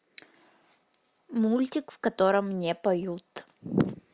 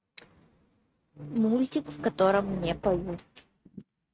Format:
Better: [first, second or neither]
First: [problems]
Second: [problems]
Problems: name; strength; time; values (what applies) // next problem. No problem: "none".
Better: first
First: none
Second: noise reduction (neural mask model RNNoise)